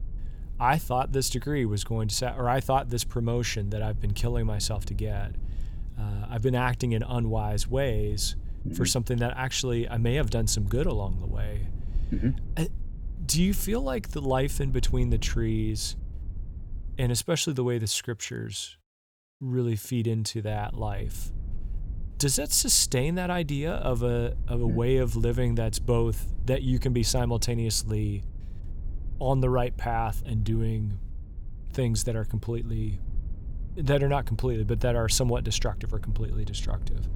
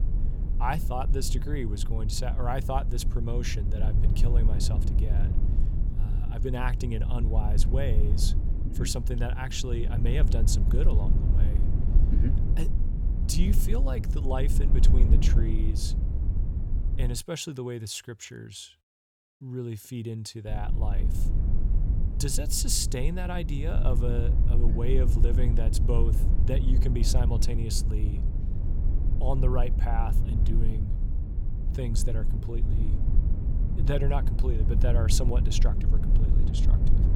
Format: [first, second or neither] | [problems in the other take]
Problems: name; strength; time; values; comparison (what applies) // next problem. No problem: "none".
first | low rumble; loud; until 17 s and from 21 s on; 8 dB below the speech; faint in the first